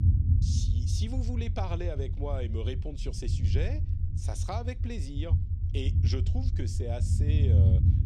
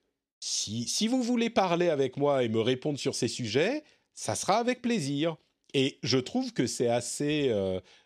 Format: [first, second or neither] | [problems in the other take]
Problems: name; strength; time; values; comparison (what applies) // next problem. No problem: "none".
second | low rumble; loud; throughout; 3 dB below the speech